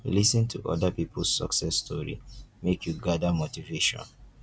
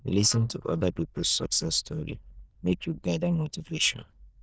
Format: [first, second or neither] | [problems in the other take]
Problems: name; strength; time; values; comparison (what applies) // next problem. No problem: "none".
first | noise reduction (neural diffusion model UNIVERSE++)